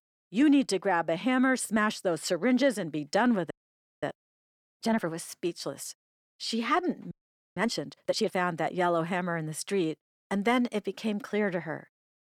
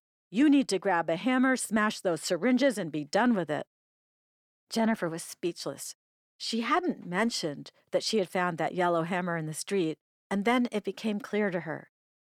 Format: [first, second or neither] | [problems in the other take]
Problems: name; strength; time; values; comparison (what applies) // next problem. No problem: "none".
second | audio freezing; at 3.5 s for 0.5 s and at 7 s